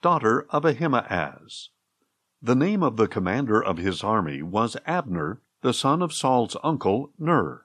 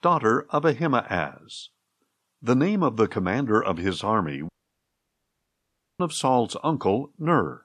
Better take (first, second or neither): first